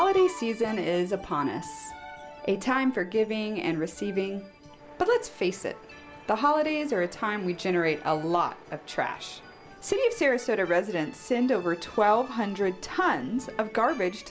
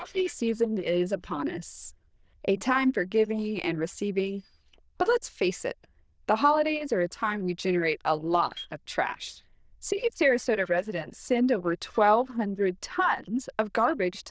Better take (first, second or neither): first